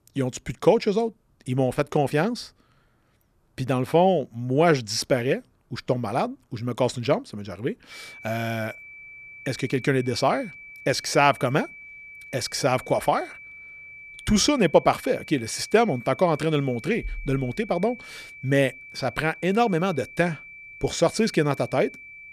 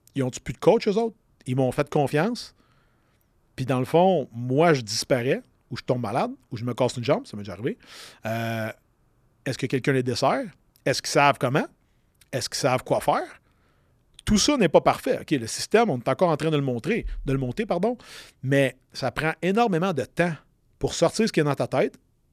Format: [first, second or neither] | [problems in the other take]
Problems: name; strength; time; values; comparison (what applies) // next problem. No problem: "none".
second | high-pitched whine; noticeable; from 8 s on; 2.5 kHz, 15 dB below the speech